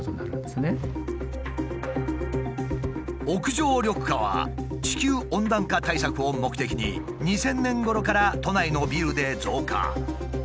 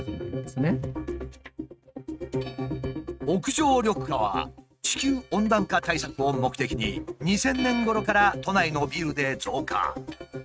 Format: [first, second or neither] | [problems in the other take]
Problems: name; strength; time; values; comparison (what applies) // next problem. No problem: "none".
first | noise reduction (neural mask model RNNoise)